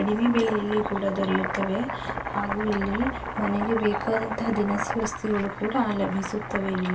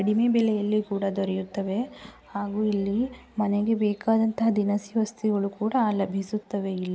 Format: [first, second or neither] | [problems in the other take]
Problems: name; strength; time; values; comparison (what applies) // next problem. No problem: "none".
second | background sound (Boiling); 5 dB below the speech // room echo; dies away in 0.2 s